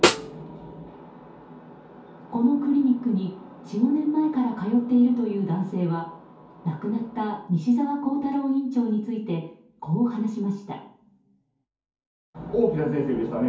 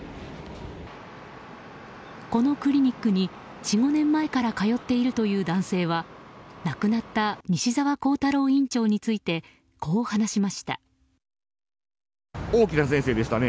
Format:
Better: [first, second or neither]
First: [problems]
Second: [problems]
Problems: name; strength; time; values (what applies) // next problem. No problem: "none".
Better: second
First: background sound (Snare drum); 1 dB below the speech // room echo; dies away in 0.6 s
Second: none